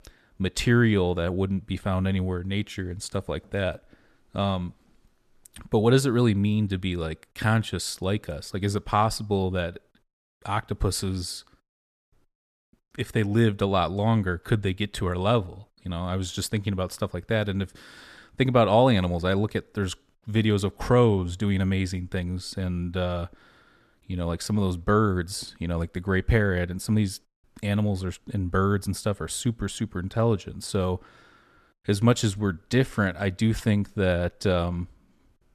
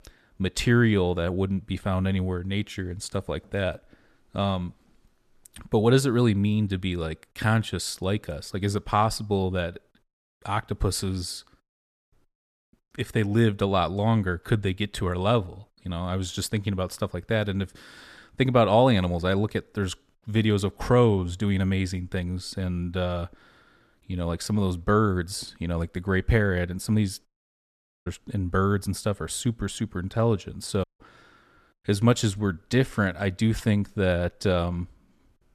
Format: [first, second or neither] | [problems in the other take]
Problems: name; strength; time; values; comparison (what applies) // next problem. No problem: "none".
first | audio cutting out; at 27 s for 0.5 s and at 31 s